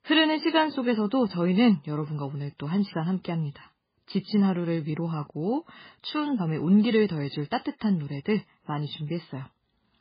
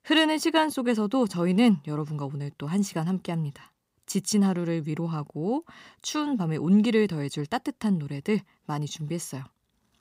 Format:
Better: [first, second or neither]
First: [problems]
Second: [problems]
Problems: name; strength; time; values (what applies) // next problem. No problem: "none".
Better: second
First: garbled, watery; badly; nothing above 5 kHz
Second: none